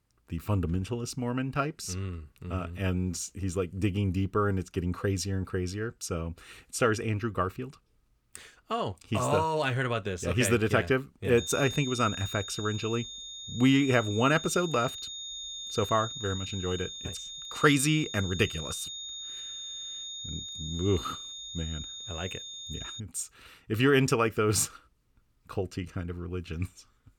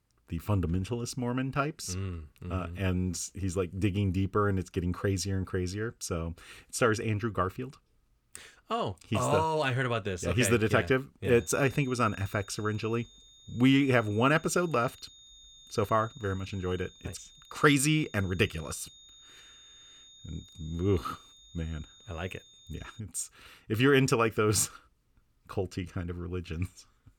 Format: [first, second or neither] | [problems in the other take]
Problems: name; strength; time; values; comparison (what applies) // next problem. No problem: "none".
second | high-pitched whine; loud; from 11 to 23 s; 3.5 kHz, 8 dB below the speech; faint in the second